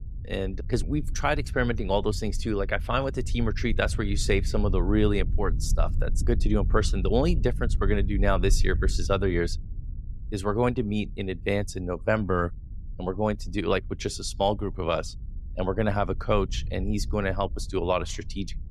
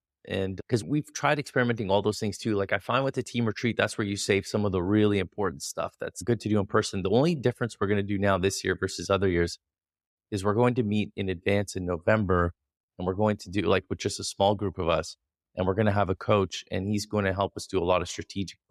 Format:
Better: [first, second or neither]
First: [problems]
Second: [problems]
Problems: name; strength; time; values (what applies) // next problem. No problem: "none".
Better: second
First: low rumble; faint; throughout; 20 dB below the speech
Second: none